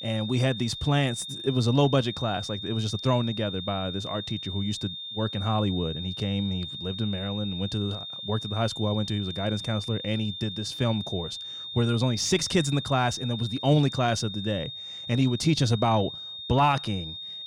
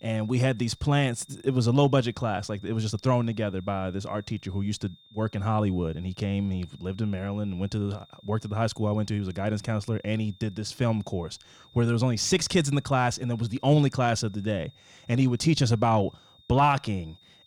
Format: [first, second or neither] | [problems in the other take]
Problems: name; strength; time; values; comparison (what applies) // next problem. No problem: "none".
second | high-pitched whine; loud; throughout; 3.5 kHz, 8 dB below the speech; faint in the second